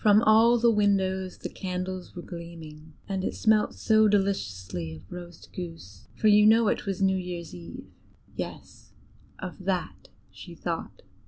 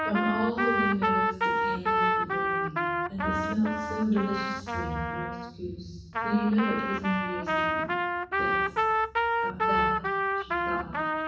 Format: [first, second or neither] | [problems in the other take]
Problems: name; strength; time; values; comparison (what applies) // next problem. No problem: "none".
first | background sound (Trumpet); 4 dB above the speech // room echo; dies away in 1.1 s